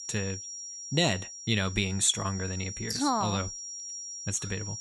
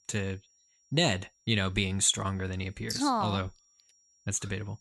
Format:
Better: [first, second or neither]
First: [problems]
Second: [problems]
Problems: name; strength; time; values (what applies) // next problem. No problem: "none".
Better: second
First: high-pitched whine; loud; throughout; 5.5 kHz, 9 dB below the speech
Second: high-pitched whine; faint; throughout; 5.5 kHz, 35 dB below the speech